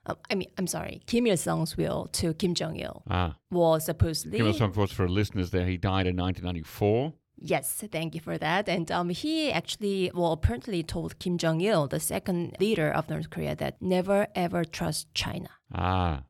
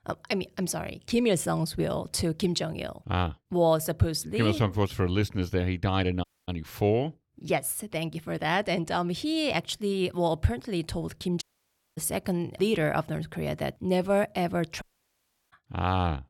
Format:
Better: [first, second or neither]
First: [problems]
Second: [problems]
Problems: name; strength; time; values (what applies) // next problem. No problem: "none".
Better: first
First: none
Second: audio cutting out; at 6 s, at 11 s for 0.5 s and at 15 s for 0.5 s